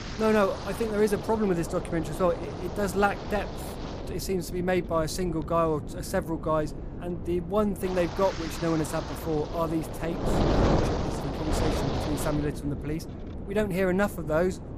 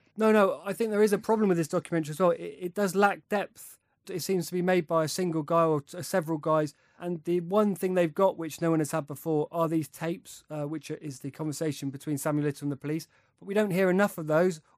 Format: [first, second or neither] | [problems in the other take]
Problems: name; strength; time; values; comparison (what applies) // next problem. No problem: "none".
second | wind noise on the microphone; heavy; 7 dB below the speech